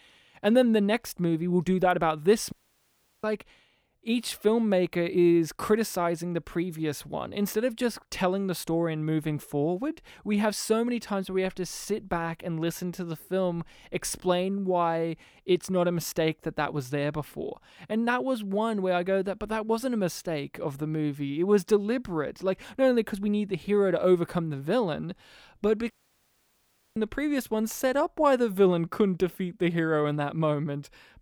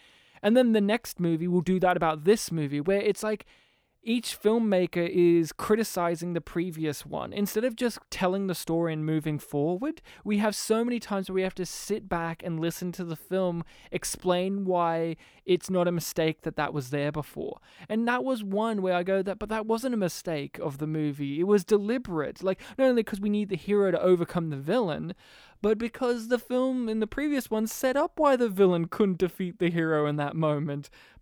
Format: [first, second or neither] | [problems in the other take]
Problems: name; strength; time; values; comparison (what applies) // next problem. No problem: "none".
second | audio cutting out; at 2.5 s for 0.5 s and at 26 s for 1 s